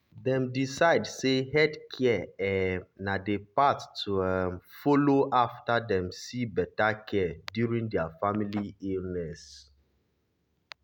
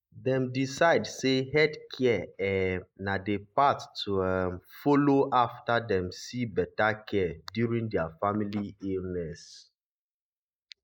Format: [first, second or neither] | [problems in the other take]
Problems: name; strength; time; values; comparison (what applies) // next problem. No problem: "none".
first | noise reduction (neural mask model Resemble Enhance denoiser)